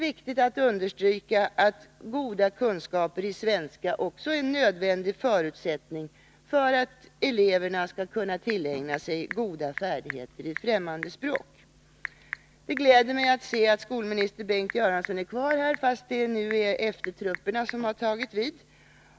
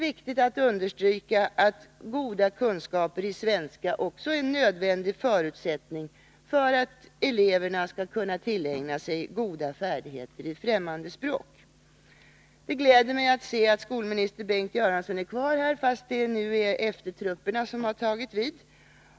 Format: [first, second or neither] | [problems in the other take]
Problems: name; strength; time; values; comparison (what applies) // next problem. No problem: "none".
second | background sound (Telephone / Typing); 18 dB below the speech